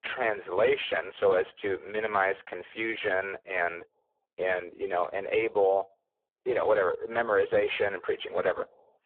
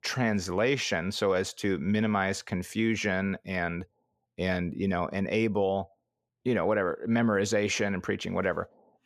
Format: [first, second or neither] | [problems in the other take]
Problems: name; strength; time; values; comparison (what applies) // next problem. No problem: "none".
second | phone-call audio; poor line